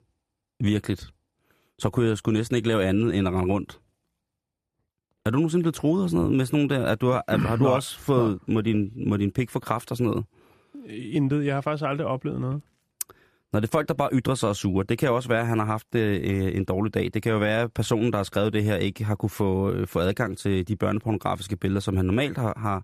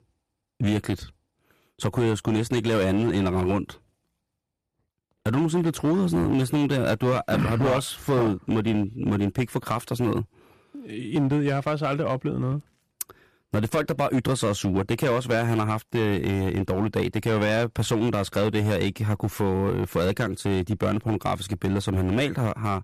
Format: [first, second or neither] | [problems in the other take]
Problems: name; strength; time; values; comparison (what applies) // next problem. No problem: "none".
first | distortion; slight; 8% of the sound clipped